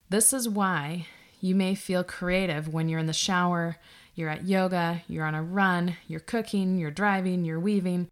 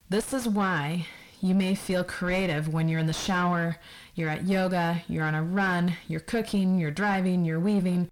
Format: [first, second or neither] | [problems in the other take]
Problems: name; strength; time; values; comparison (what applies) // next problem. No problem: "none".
first | distortion; heavy; 6 dB below the speech